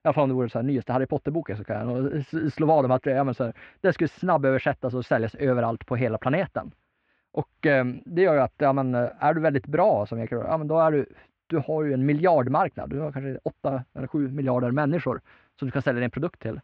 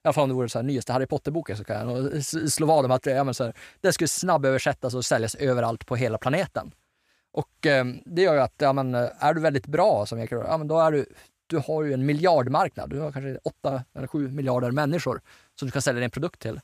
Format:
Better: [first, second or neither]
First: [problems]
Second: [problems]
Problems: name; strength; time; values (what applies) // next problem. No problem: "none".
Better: second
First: muffled; very; fading above 3 kHz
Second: none